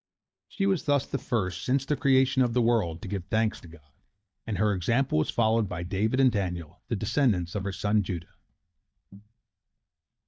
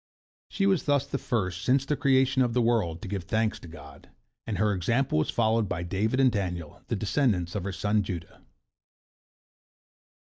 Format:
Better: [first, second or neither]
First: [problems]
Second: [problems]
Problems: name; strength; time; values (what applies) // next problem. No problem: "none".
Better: second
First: noise reduction (neural mask model DeepFilterNet 3)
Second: none